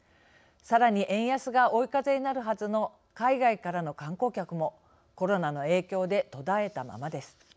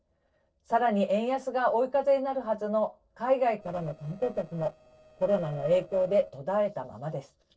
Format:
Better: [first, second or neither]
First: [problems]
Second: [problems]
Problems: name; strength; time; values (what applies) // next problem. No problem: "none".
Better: first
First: none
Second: noise reduction (neural separator model SepFormer DNS4)